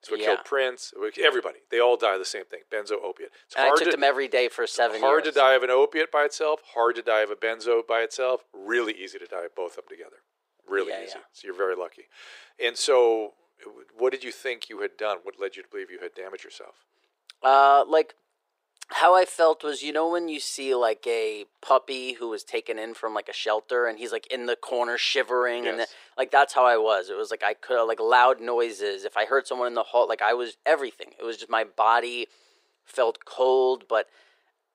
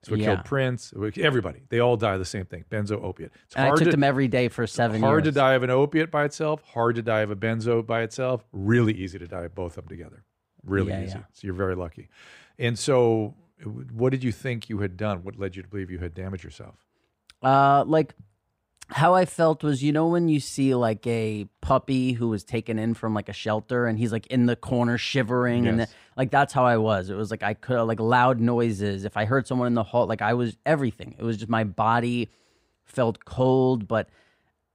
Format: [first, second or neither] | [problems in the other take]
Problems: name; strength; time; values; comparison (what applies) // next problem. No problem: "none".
second | thin; very; fading below 400 Hz